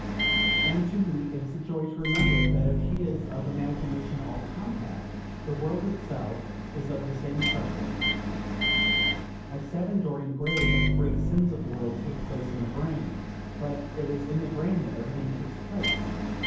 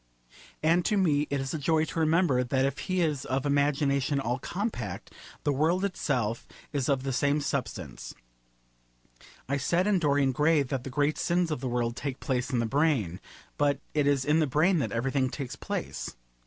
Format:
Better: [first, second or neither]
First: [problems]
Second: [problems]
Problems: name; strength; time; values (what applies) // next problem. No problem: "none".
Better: second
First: background sound (Microwave oven); 2 dB above the speech // room echo; dies away in 0.9 s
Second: none